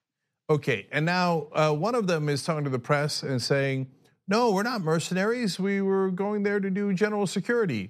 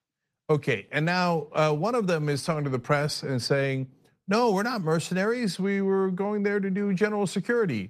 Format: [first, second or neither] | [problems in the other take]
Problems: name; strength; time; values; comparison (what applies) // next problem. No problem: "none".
first | garbled, watery; slightly; nothing above 14.5 kHz